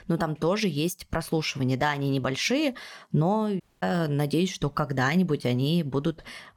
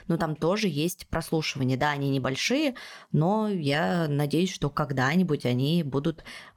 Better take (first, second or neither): second